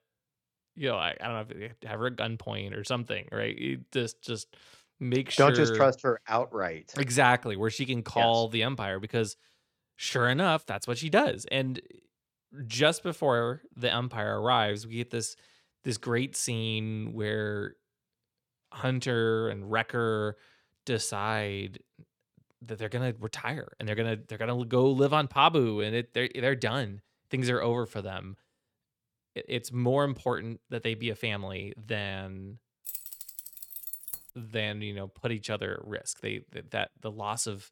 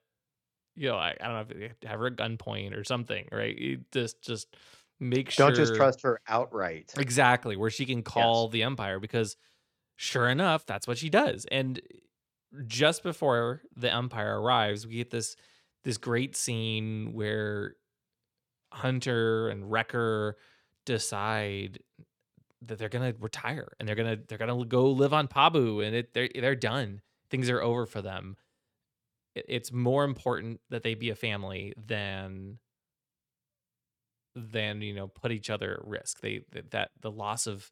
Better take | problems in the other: second | jangling keys; noticeable; from 33 to 34 s; peak 7 dB below the speech

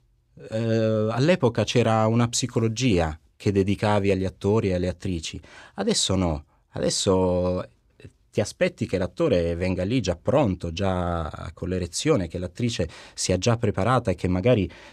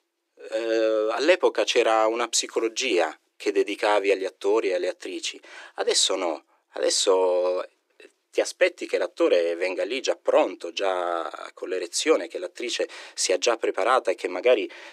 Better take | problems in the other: first | thin; very; fading below 300 Hz

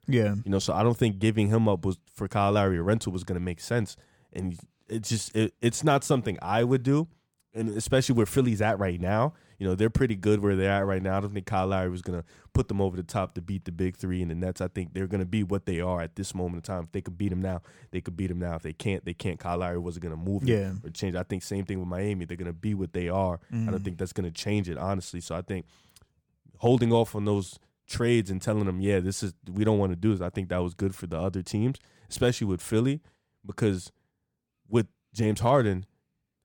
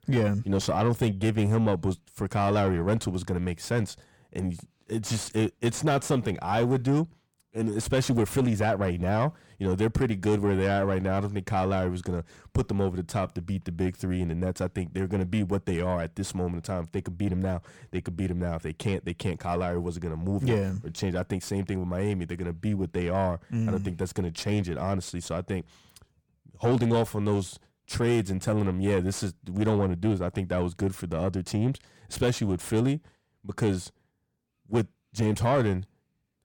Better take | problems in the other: first | distortion; slight; 10 dB below the speech

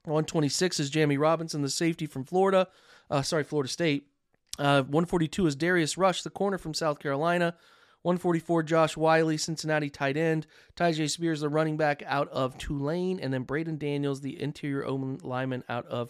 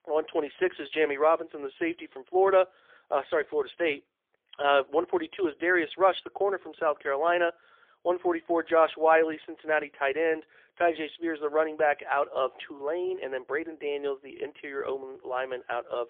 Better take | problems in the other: first | phone-call audio; poor line

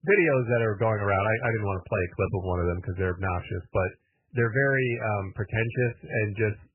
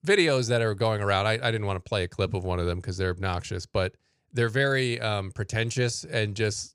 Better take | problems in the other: second | garbled, watery; badly; nothing above 2.5 kHz

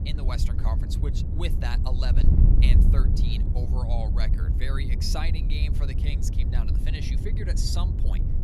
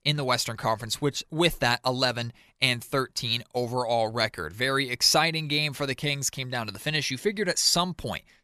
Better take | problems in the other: second | wind noise on the microphone; heavy; 4 dB below the speech

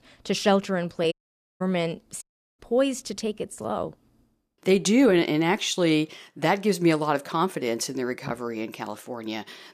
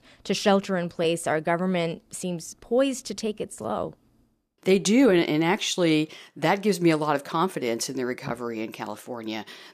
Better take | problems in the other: second | audio cutting out; at 1 s and at 2 s

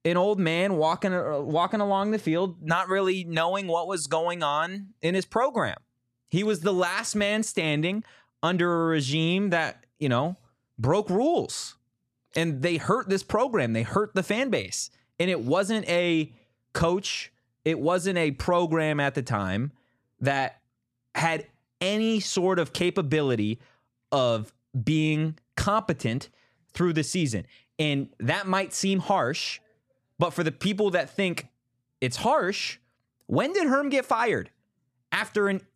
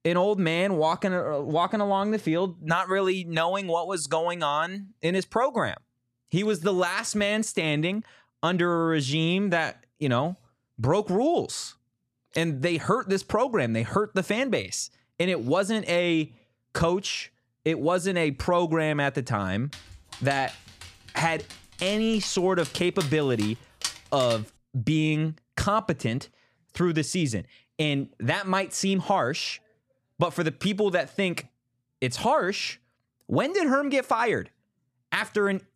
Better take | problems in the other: first | dog barking; noticeable; from 20 to 24 s; peak 6 dB below the speech

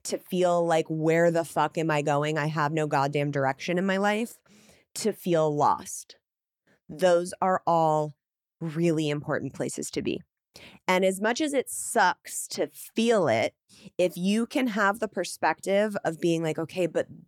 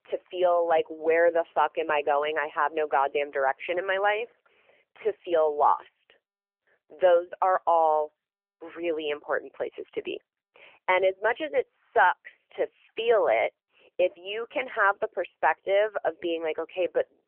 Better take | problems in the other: first | phone-call audio; nothing above 3 kHz

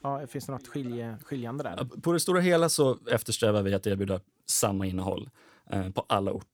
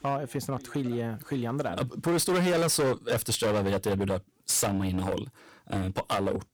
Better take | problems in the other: first | distortion; heavy; 14% of the sound clipped

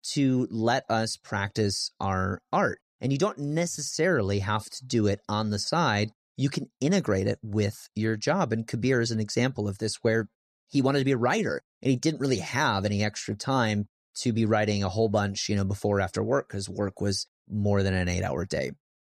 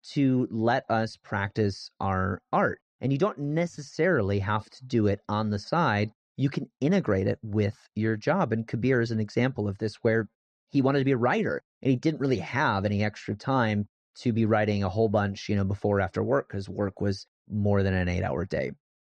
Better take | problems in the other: first | muffled; slightly; fading above 3 kHz

